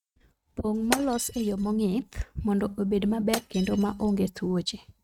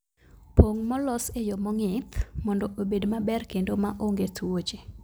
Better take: second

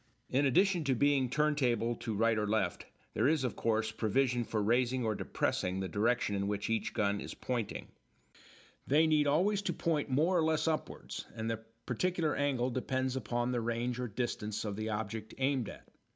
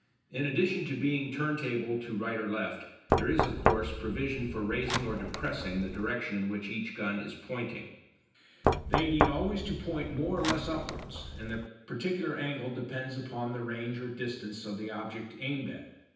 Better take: first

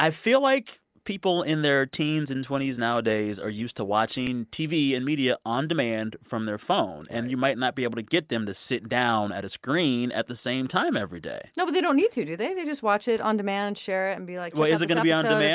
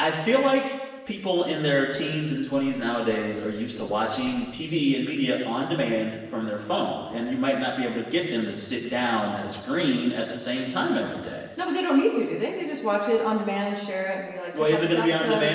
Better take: first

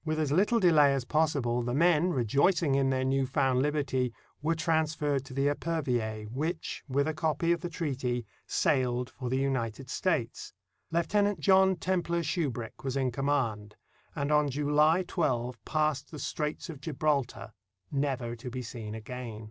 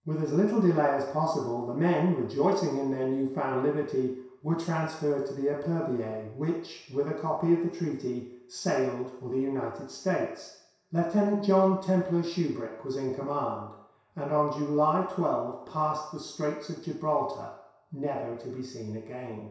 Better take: first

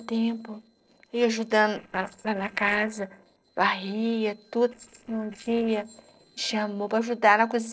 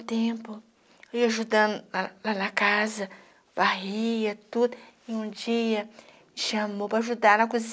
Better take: second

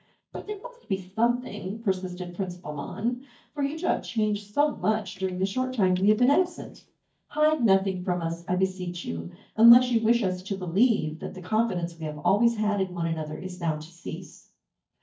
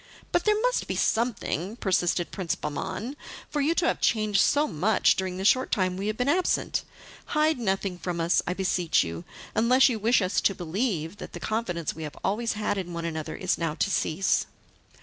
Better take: second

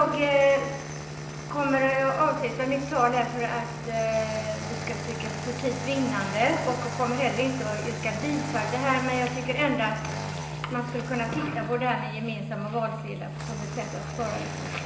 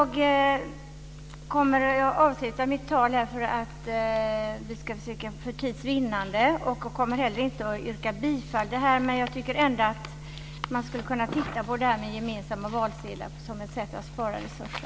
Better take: second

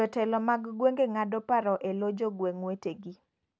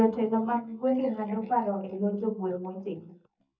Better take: first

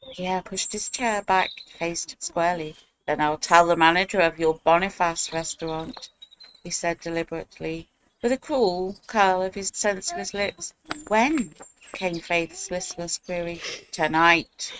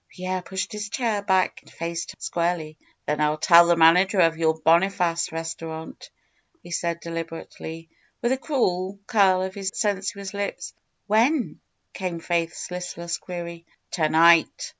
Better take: second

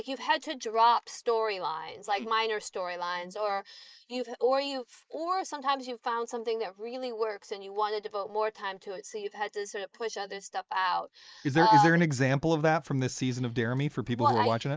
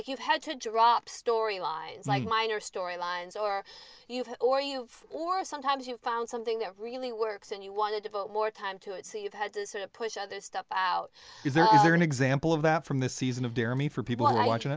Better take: second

